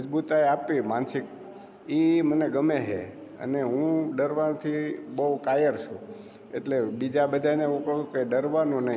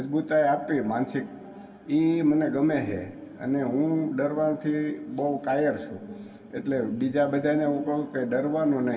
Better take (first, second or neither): first